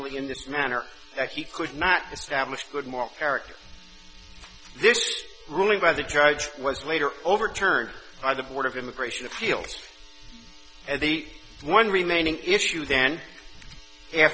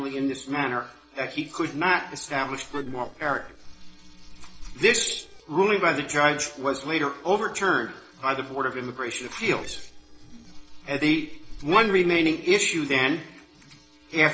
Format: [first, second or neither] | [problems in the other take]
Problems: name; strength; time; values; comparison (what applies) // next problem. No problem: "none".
first | noise reduction (neural separator model SepFormer DNS4)